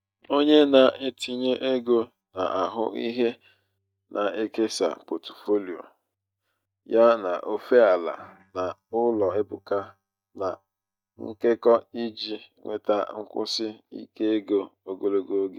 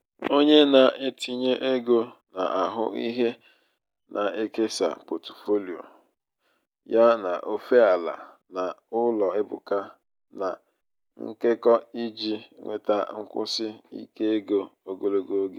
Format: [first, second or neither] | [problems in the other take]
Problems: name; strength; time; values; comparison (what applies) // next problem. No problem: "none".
second | noise reduction (neural mask model DeepFilterNet 3)